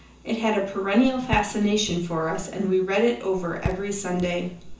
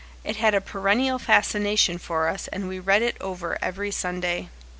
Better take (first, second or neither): second